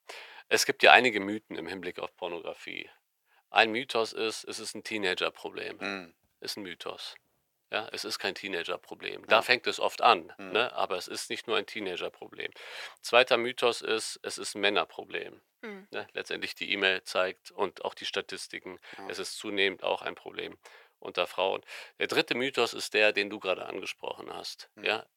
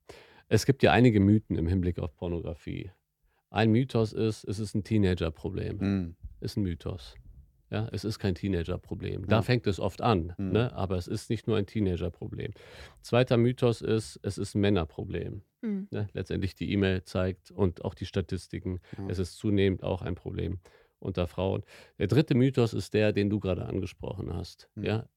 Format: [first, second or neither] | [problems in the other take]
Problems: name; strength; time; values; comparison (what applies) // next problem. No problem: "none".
second | thin; very; fading below 800 Hz